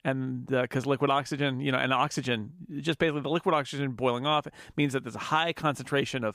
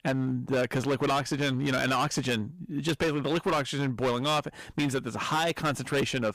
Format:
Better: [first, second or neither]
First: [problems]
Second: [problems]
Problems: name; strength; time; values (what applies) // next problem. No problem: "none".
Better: first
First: none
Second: distortion; heavy; 15% of the sound clipped